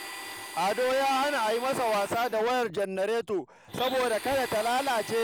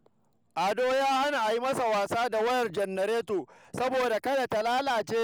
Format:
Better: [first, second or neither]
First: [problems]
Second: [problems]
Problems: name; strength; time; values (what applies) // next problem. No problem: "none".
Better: second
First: background sound (Domestic sounds, home sounds); 13 dB below the speech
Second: none